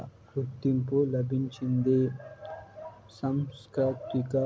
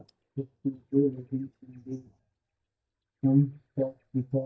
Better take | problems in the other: first | noise reduction (neural mask model DeepFilterNet 3)

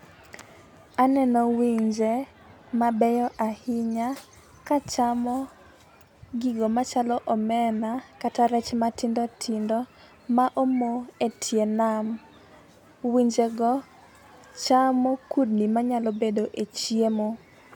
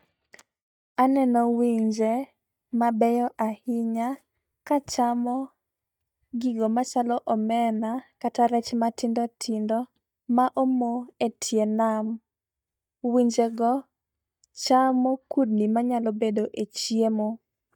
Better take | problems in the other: first | noise reduction (neural mask model DeepFilterNet 3)

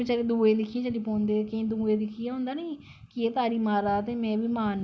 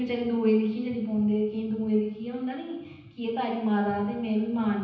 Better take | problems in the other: first | room echo; dies away in 0.9 s

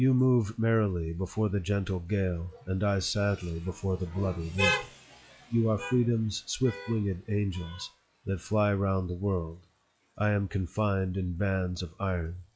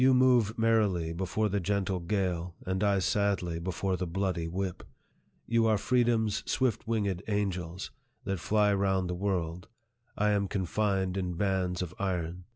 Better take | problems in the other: second | noise reduction (classical method log-MMSE)

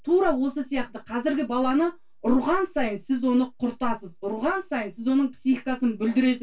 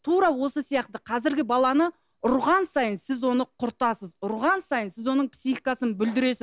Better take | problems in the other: second | room echo; dies away in 0.1 s

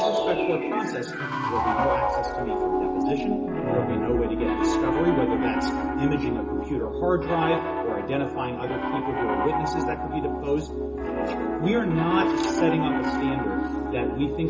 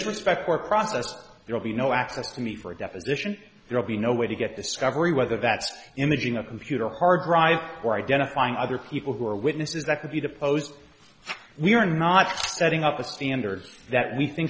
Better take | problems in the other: second | background sound (Piano); 3 dB above the speech // room echo; dies away in 0.2 s

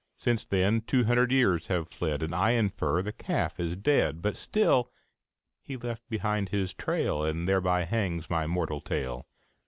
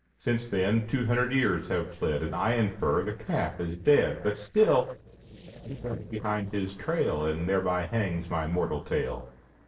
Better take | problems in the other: first | noise reduction (neural separator model SepFormer DNS4)

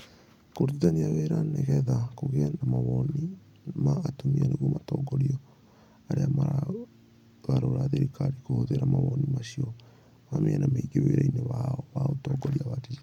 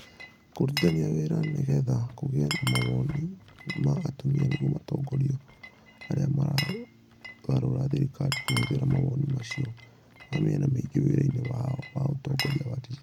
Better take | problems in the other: first | background sound (Glass); 13 dB below the speech

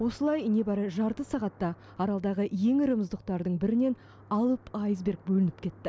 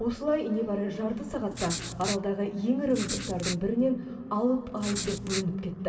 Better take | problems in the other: first | background sound (Writing); 8 dB below the speech // room echo; dies away in 2.3 s

